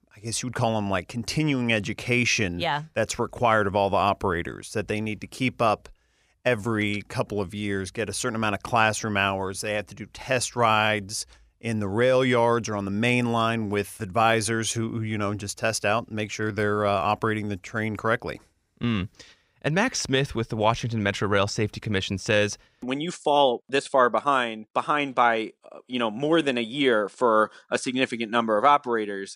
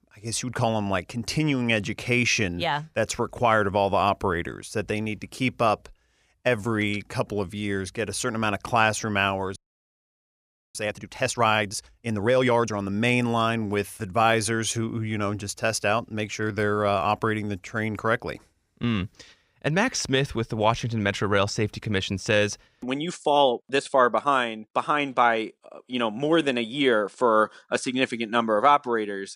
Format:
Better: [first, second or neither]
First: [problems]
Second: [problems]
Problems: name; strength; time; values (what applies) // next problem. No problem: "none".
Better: first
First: none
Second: audio freezing; at 9.5 s for 1 s